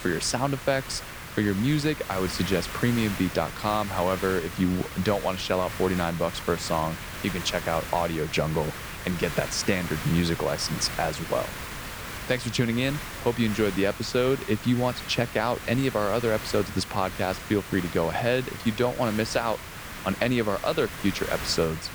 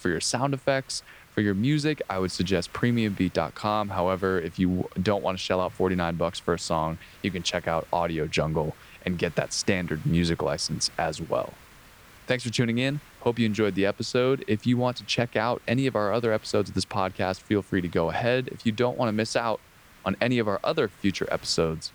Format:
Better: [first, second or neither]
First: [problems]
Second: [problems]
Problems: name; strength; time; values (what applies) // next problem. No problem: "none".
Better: second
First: hiss; loud; throughout; 9 dB below the speech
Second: hiss; faint; throughout; 25 dB below the speech